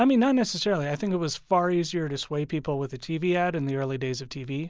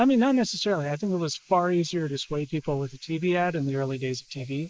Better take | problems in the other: first | noise reduction (neural mask model Resemble Enhance denoiser)

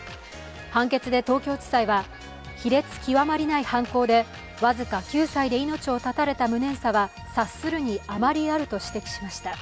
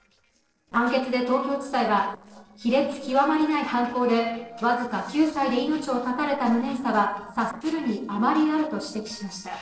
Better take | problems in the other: first | noise reduction (neural separator model SepFormer DNS4)

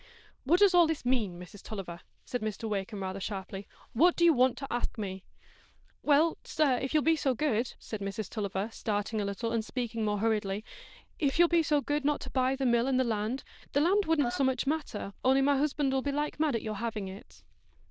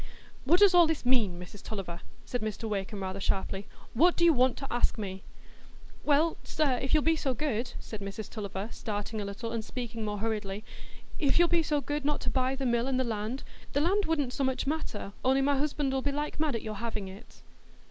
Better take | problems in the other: second | noise reduction (neural diffusion model UNIVERSE++)

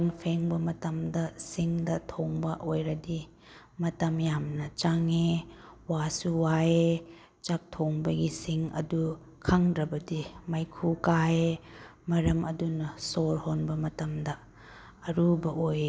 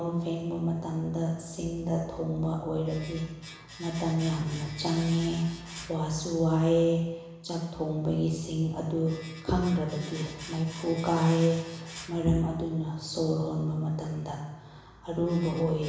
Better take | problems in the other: first | background sound (Domestic sounds, home sounds); 20 dB below the speech // room echo; dies away in 1 s

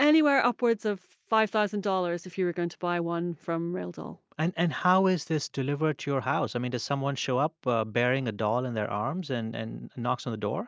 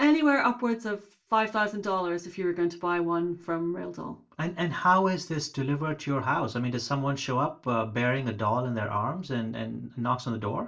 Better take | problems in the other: first | room echo; dies away in 0.2 s

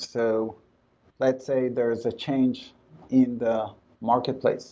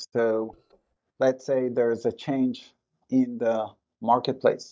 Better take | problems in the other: first | noise reduction (neural mask model DeepFilterNet 3)

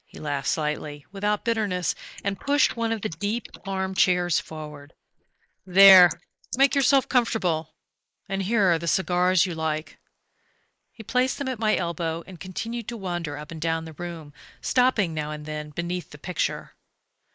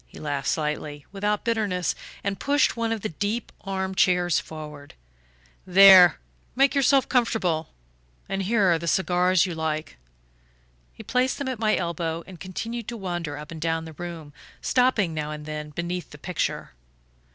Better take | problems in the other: second | noise reduction (neural mask model Resemble Enhance denoiser)

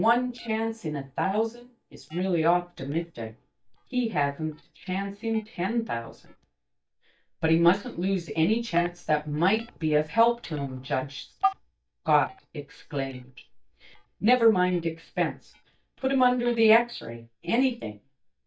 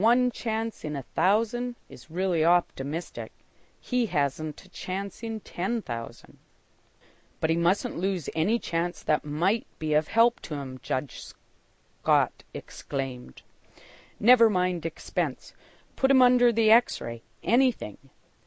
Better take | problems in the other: second | noise reduction (neural mask model DeepFilterNet 3)

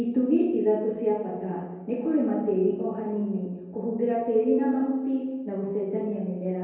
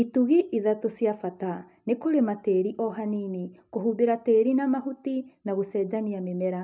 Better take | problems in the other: second | room echo; dies away in 1.2 s

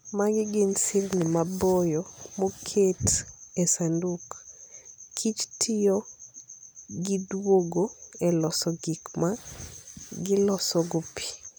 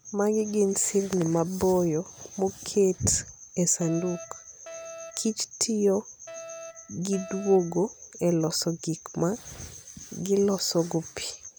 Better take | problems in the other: first | background sound (Alarm); 16 dB below the speech

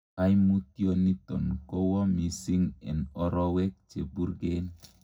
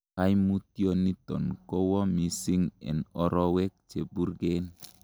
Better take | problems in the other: second | room echo; dies away in 0.4 s

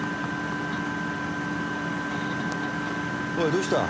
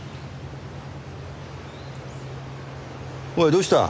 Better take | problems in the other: second | background sound (Engine); 4 dB above the speech

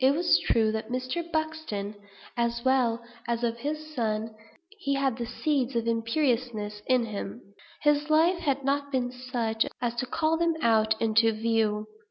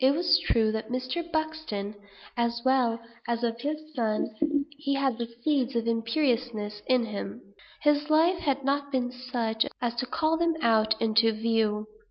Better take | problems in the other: first | noise reduction (neural mask model Resemble Enhance denoiser)

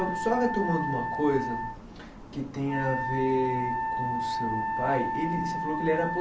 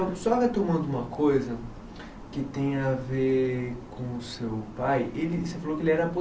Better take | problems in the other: second | background sound (Wind instrument, woodwind instrument); 2 dB below the speech

